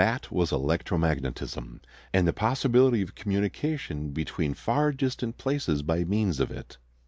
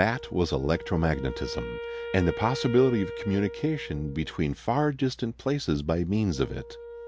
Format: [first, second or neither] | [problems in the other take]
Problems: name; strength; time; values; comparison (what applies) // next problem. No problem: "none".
first | background sound (Wind instrument, woodwind instrument); 12 dB below the speech